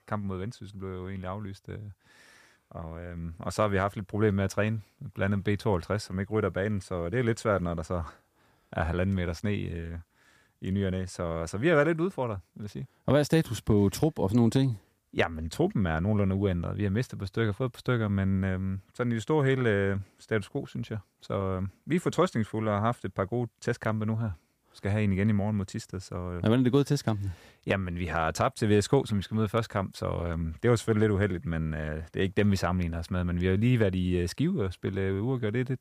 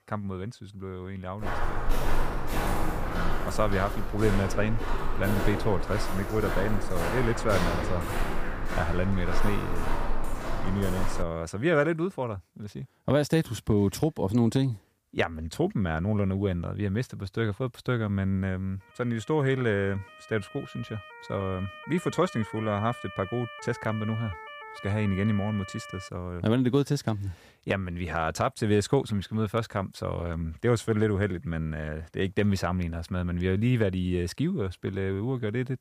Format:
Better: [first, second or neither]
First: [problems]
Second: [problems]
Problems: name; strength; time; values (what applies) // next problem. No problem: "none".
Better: first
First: none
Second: footsteps; noticeable; from 1.5 to 11 s; peak level with the speech // siren; faint; from 19 to 26 s; peak 10 dB below the speech